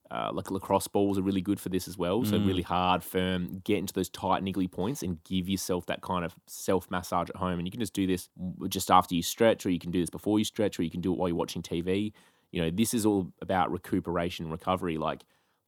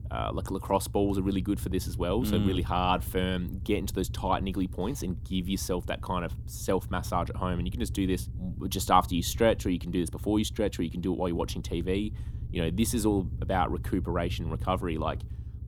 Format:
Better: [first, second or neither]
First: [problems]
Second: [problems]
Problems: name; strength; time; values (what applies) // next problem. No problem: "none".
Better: first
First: none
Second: low rumble; faint; throughout; 20 dB below the speech